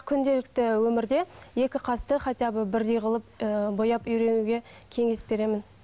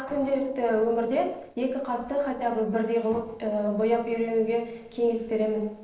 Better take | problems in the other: first | noise reduction (neural separator model SepFormer DNS4)

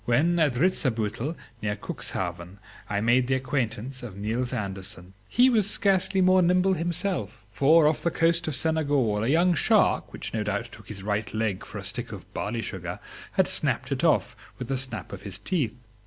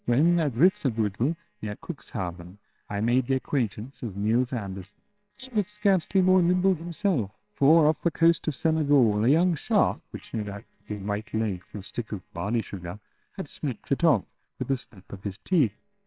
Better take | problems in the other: first | noise reduction (neural separator model SepFormer WHAMR!)

